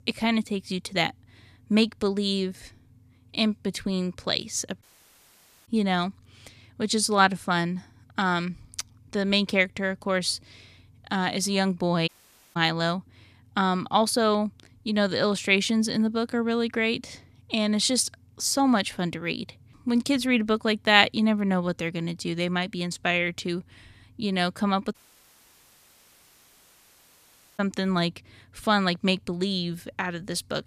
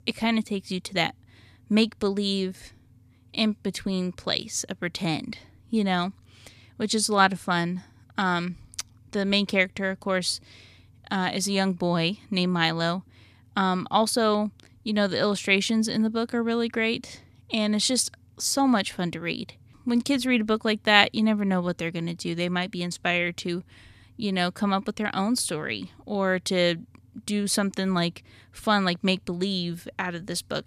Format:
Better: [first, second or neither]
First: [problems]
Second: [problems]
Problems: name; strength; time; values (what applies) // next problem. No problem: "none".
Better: second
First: audio cutting out; at 5 s for 1 s, at 12 s and at 25 s for 2.5 s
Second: none